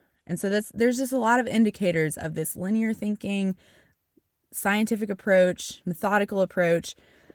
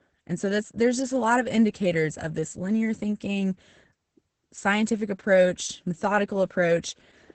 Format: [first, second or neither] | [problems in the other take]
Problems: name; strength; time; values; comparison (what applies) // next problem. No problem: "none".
first | garbled, watery; badly; nothing above 8 kHz; slightly in the first